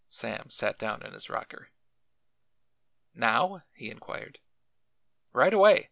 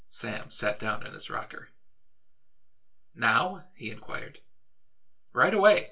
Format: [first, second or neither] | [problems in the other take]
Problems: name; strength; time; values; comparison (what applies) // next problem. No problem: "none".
first | room echo; dies away in 0.2 s